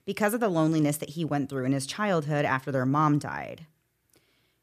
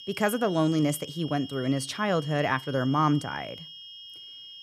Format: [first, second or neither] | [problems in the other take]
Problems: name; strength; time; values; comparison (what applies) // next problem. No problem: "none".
first | high-pitched whine; noticeable; throughout; 3 kHz, 15 dB below the speech